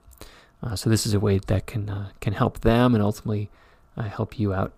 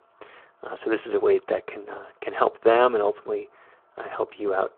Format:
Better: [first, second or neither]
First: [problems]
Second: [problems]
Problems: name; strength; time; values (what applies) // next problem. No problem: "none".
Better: first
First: none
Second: phone-call audio